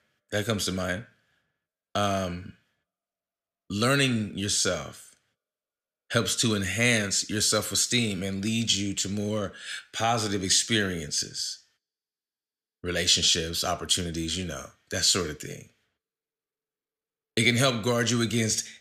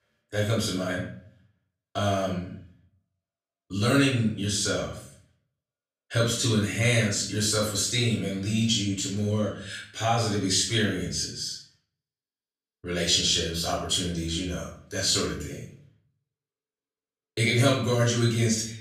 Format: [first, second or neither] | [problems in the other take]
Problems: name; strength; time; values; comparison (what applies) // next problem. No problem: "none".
first | off-mic speech; far // room echo; noticeable; dies away in 0.5 s